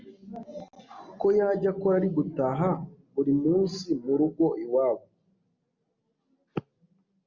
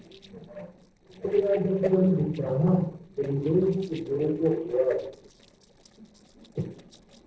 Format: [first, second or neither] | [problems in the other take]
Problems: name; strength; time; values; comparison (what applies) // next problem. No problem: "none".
first | noise reduction (neural separator model SepFormer DNS4)